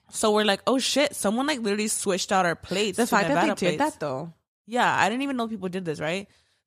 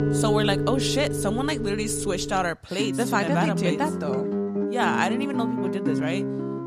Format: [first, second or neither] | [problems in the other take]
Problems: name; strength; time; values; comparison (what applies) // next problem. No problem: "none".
first | background music; loud; throughout; 1 dB below the speech